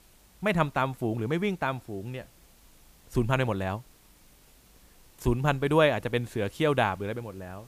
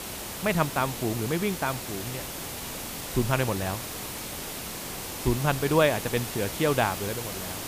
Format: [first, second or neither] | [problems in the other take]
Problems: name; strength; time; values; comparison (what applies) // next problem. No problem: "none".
first | hiss; loud; throughout; 6 dB below the speech; faint in the first